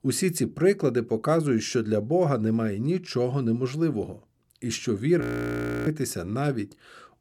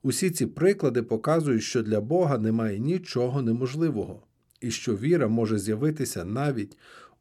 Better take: second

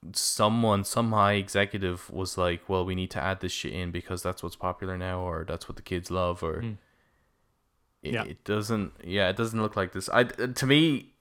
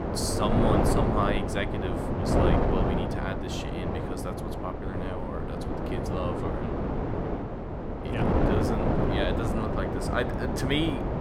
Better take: first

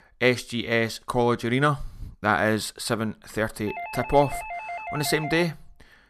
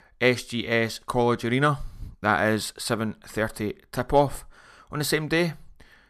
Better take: second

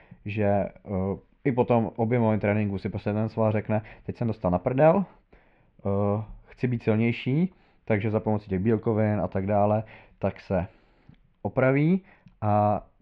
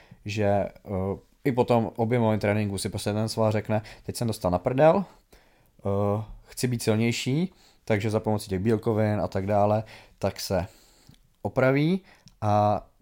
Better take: second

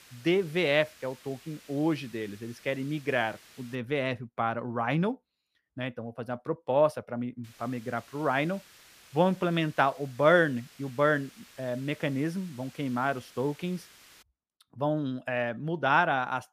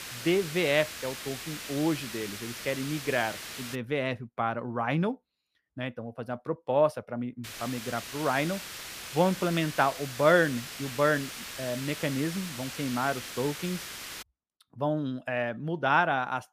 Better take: first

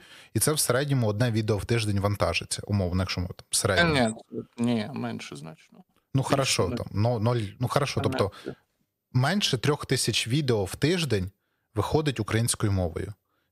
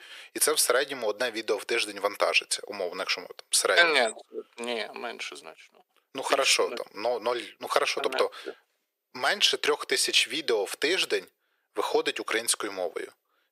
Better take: first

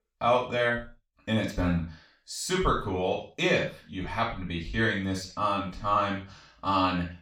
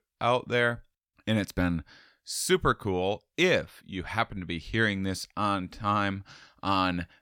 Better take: second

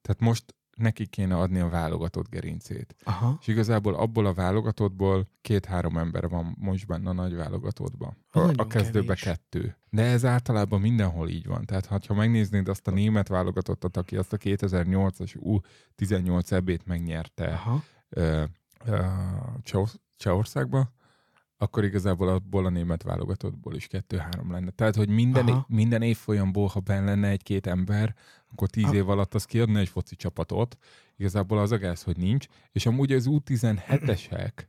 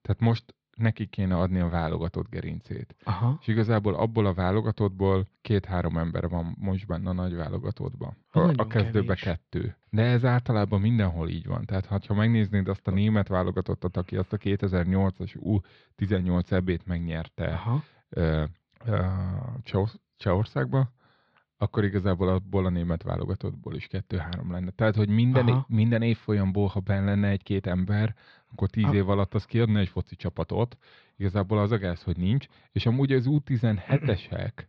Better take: first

